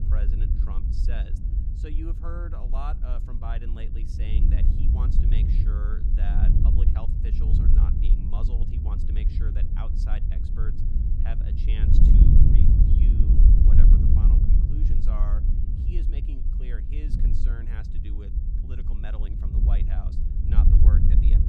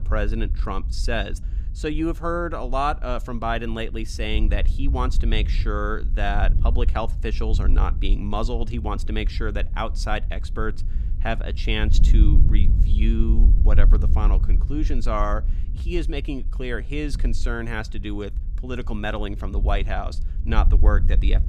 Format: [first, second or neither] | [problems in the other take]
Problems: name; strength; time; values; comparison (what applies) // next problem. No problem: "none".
second | wind noise on the microphone; heavy; 3 dB above the speech; occasional gusts in the second